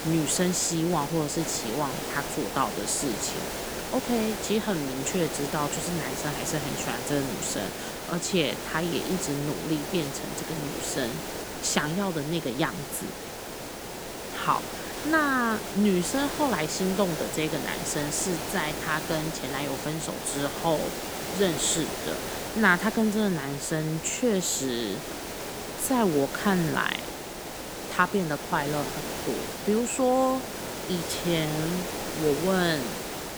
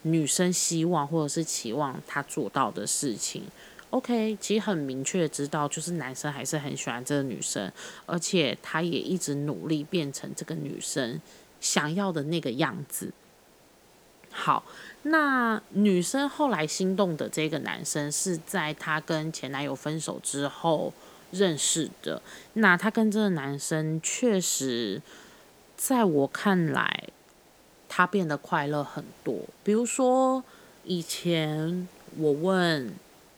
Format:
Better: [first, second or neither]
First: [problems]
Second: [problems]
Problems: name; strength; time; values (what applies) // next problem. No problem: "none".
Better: second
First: hiss; loud; throughout; 6 dB below the speech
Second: hiss; faint; throughout; 25 dB below the speech